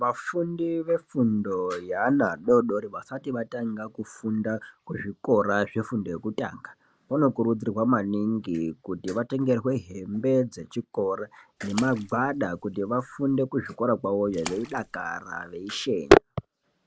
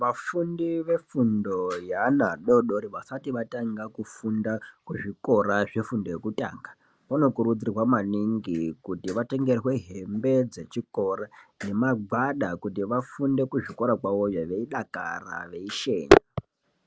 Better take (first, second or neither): second